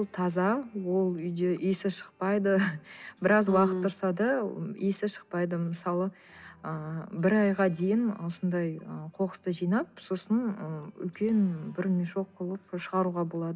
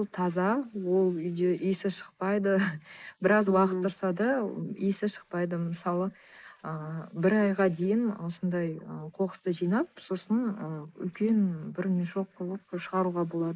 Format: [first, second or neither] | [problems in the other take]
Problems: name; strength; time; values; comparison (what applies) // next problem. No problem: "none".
first | noise reduction (neural mask model Resemble Enhance denoiser)